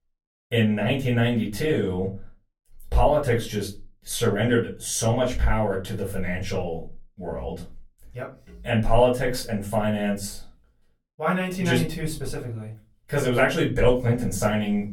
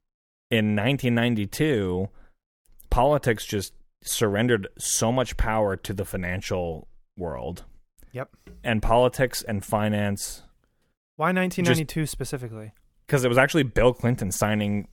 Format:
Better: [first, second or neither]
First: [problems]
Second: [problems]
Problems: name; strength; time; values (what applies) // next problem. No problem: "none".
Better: second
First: off-mic speech; far // room echo; very slight; dies away in 0.3 s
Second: none